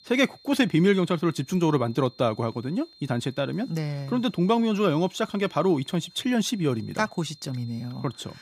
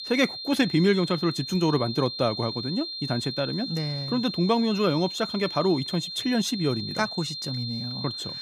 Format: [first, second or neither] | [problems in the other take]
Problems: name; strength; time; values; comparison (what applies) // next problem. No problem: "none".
first | high-pitched whine; loud; throughout; 4 kHz, 6 dB below the speech; faint in the first